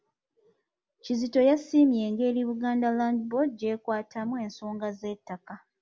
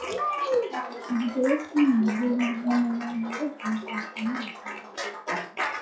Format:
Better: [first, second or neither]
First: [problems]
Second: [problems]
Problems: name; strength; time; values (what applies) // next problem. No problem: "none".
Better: first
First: none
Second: noise reduction (classical method WPE with log-MMSE)